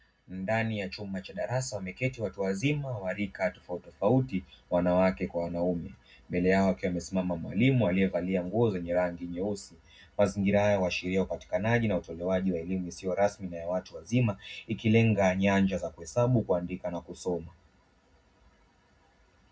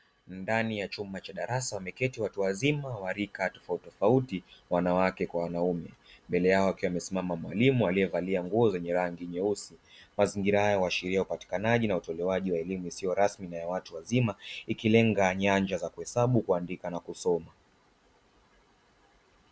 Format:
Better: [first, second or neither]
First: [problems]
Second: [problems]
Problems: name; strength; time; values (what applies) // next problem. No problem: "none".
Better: second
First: room echo; dies away in 0.4 s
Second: none